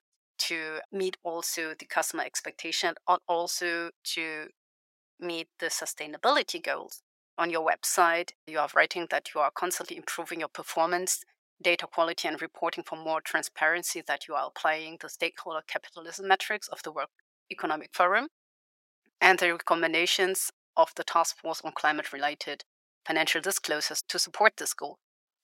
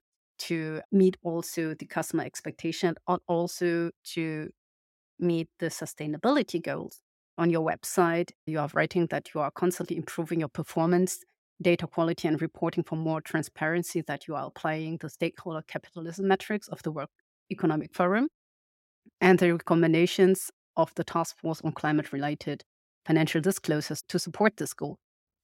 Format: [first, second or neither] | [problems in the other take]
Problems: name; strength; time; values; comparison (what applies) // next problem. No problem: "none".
second | thin; very; fading below 800 Hz